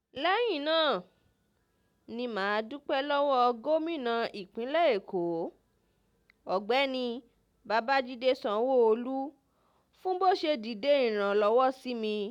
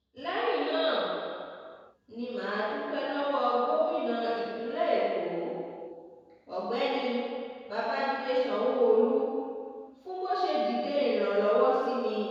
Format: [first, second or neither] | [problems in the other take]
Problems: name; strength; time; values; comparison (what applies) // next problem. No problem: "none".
first | room echo; dies away in 1.9 s